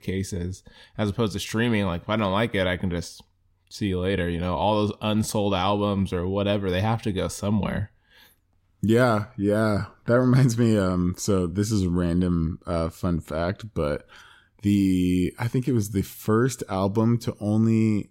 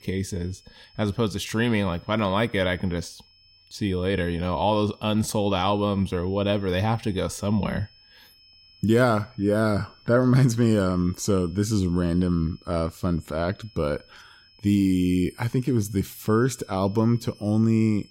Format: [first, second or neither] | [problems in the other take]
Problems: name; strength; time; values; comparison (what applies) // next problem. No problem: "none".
first | high-pitched whine; faint; throughout; 5.5 kHz, 30 dB below the speech